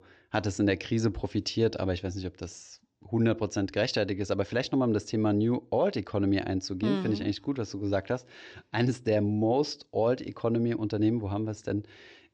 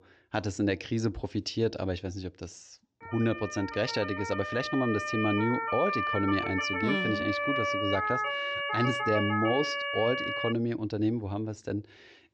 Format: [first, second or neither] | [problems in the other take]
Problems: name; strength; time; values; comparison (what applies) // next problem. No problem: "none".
first | siren; loud; from 3 to 11 s; peak 2 dB above the speech